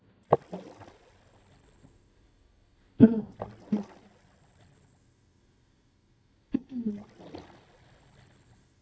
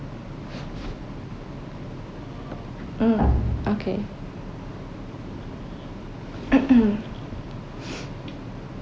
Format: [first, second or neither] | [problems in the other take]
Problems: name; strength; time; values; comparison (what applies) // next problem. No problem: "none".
second | noise reduction (neural mask model DeepFilterNet 3)